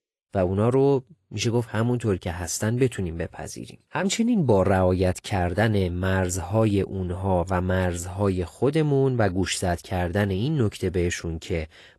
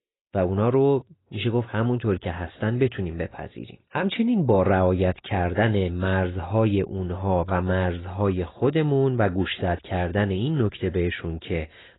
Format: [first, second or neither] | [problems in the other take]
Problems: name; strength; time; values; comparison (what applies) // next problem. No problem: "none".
first | garbled, watery; badly; nothing above 4 kHz; slightly in the first